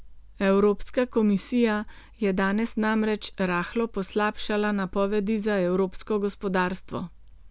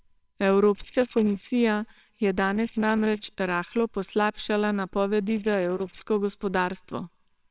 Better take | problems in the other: first | noise reduction (neural separator model SepFormer WHAMR!)

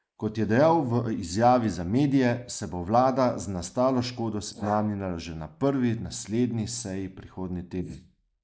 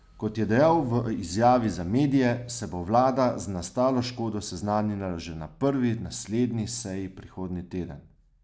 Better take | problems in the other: second | noise reduction (neural mask model Resemble Enhance denoiser)

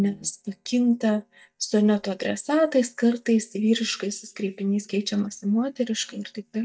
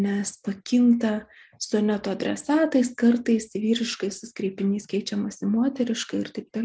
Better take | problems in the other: second | noise reduction (neural mask model DeepFilterNet 3)

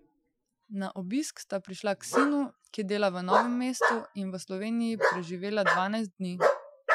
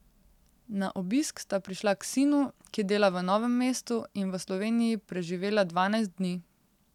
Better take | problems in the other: second | noise reduction (classical method Wiener filter)

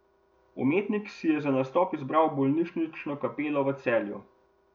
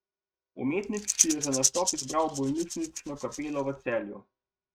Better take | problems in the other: first | noise reduction (neural mask model RNNoise)

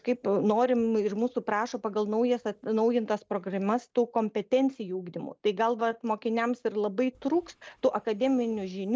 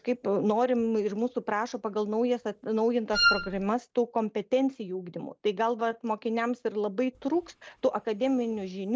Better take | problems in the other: first | background sound (Wind instrument, woodwind instrument); 2 dB above the speech

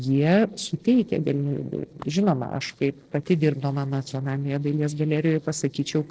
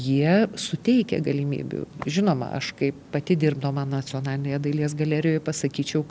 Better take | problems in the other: second | noise reduction (neural separator model SepFormer DNS4)

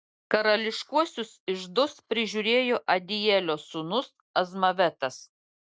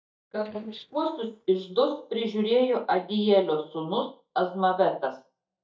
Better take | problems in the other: first | noise reduction (neural mask model DeepFilterNet 3)

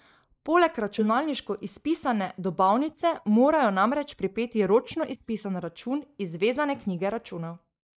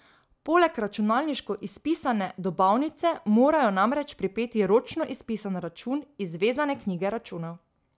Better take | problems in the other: second | noise reduction (neural mask model Resemble Enhance denoiser)

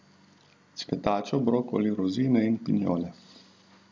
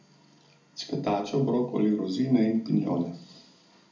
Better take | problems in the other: first | room echo; dies away in 0.4 s

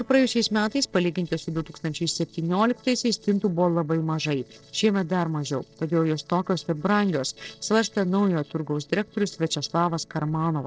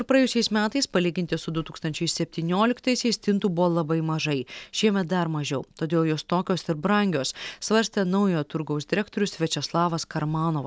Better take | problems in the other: second | noise reduction (neural separator model SepFormer DNS4)

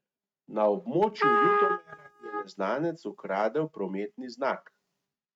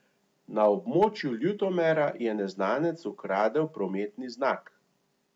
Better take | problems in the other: second | noise reduction (neural mask model RNNoise)

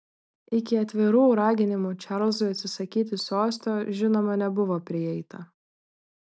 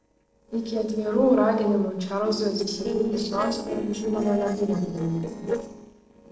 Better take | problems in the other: first | noise reduction (neural separator model SepFormer DNS4)

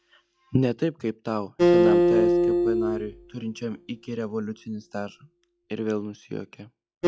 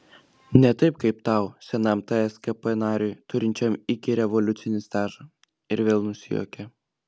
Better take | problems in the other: second | noise reduction (classical method log-MMSE)

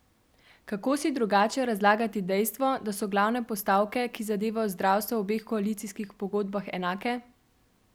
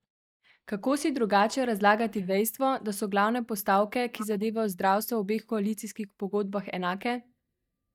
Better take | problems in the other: first | noise reduction (neural mask model DeepFilterNet 3)

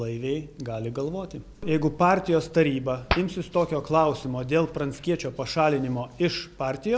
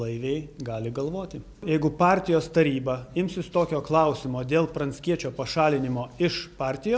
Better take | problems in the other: second | background sound (Hands); 12 dB below the speech

